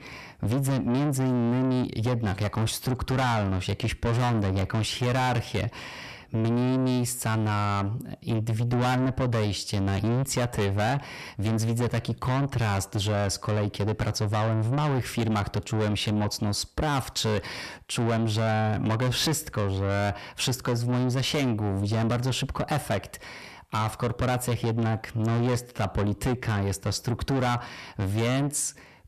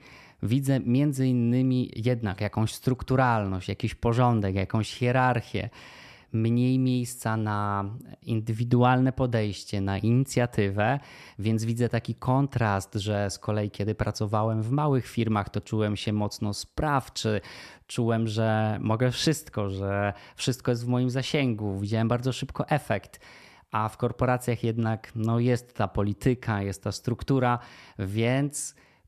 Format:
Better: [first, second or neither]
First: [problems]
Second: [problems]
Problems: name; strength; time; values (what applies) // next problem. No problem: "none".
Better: second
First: distortion; heavy; 6 dB below the speech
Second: none